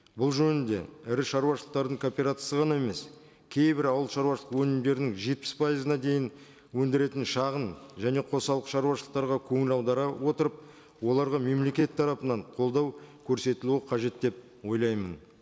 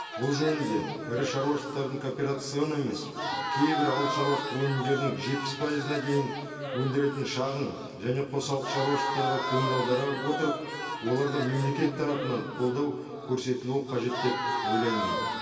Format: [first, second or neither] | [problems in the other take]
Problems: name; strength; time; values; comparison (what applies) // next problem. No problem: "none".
first | background sound (Crowd); 5 dB below the speech // room echo; dies away in 2.5 s